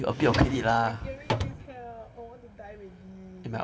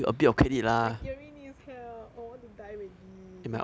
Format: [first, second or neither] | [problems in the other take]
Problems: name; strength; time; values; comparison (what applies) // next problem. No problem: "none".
second | background sound (Drawer open or close); 3 dB below the speech // room echo; dies away in 2.8 s